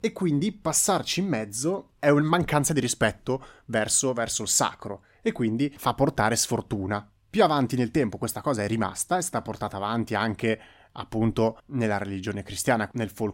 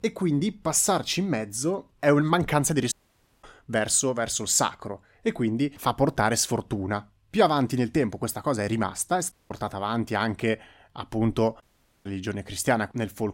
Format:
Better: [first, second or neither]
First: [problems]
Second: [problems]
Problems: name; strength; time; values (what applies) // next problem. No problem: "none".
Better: first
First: none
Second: audio cutting out; at 3 s for 0.5 s, at 9.5 s and at 12 s